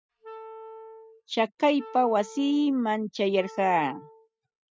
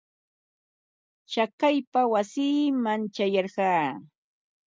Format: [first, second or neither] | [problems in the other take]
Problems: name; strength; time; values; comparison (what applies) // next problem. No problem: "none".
second | noise reduction (classical method spectral subtraction)